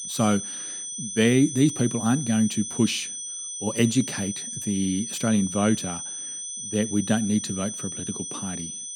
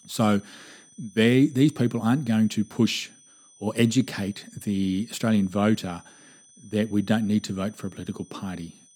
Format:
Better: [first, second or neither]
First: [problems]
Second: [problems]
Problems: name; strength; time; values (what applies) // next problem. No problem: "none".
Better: second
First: high-pitched whine; loud; throughout; 6 kHz, 6 dB below the speech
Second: high-pitched whine; faint; throughout; 6 kHz, 25 dB below the speech